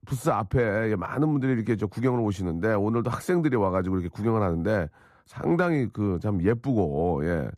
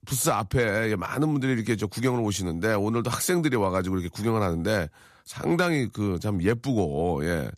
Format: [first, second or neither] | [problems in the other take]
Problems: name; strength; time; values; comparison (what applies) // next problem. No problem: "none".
second | muffled; slightly; fading above 2.5 kHz